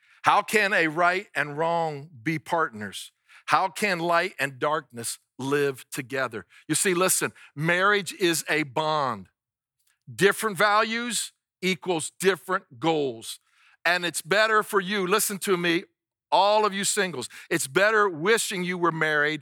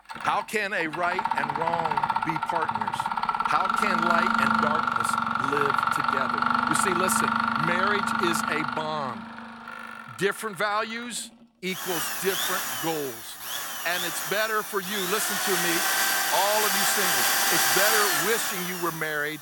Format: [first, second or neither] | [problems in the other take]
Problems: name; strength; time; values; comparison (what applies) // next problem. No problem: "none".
first | machinery noise; very loud; throughout; 5 dB above the speech